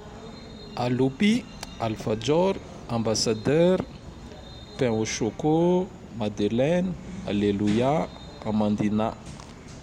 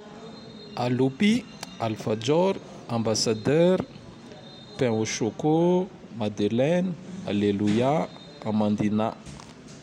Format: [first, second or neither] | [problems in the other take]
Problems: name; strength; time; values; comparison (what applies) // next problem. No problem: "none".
second | background sound (Insect / Frog); 20 dB below the speech